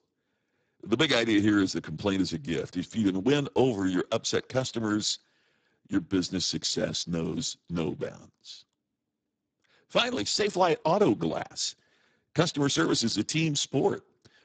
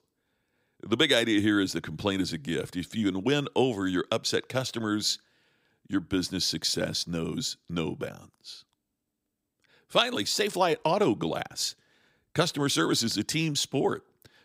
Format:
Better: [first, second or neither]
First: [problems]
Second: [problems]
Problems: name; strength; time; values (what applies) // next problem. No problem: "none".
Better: second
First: garbled, watery; badly; nothing above 7.5 kHz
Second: none